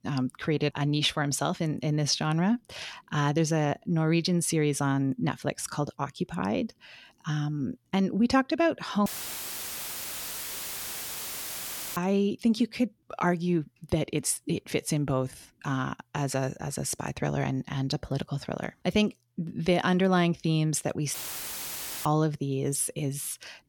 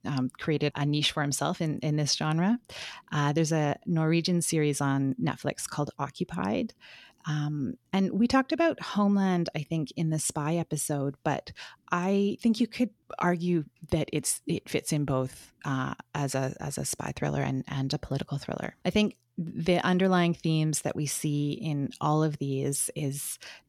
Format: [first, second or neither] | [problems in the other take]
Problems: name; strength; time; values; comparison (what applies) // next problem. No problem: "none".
second | audio cutting out; filled with static; at 9 s for 3 s and at 21 s for 1 s